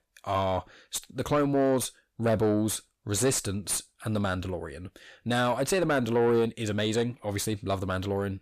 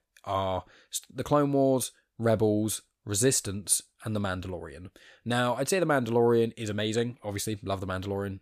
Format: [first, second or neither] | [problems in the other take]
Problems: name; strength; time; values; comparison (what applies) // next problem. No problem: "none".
second | distortion; slight; 10 dB below the speech